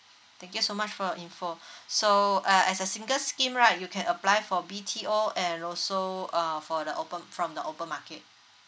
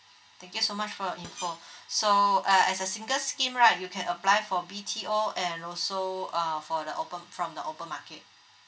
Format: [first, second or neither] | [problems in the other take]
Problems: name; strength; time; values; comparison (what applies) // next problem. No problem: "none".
first | background sound (Screech); 19 dB below the speech // room echo; dies away in 0.2 s